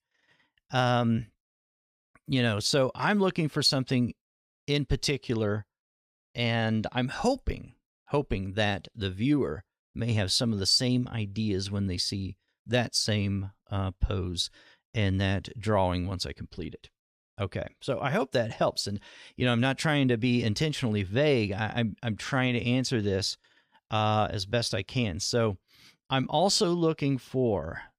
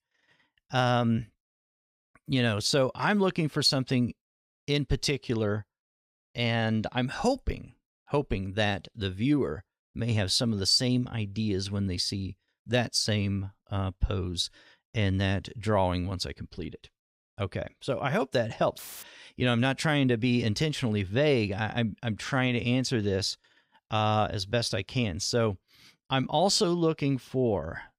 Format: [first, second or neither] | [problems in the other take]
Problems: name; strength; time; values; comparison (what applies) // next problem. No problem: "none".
first | audio cutting out; filled with static; at 19 s